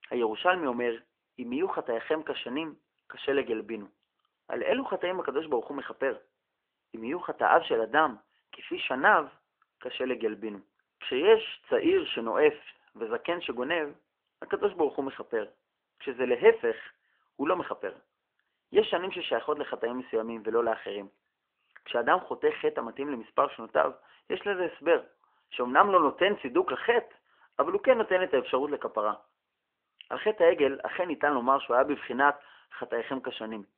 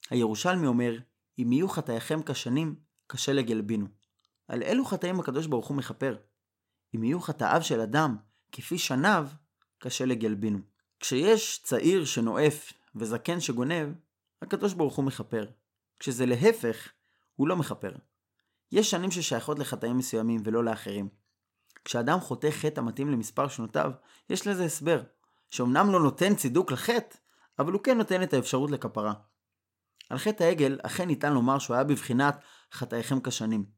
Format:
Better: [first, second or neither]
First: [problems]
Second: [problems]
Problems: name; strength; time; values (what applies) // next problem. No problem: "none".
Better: second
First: phone-call audio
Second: none